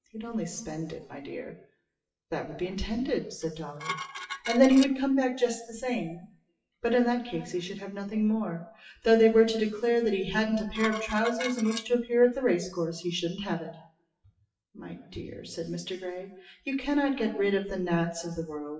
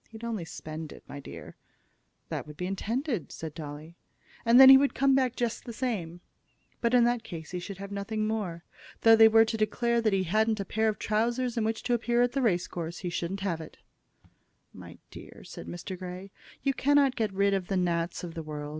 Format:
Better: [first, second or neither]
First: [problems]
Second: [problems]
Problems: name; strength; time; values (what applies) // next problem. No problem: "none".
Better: second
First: noise reduction (classical method WPE with log-MMSE)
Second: none